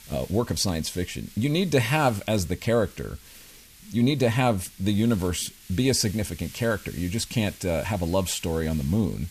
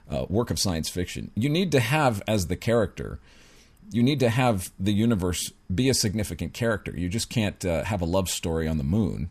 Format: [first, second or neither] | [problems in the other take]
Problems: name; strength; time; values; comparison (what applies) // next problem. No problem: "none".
second | hiss; noticeable; throughout; 20 dB below the speech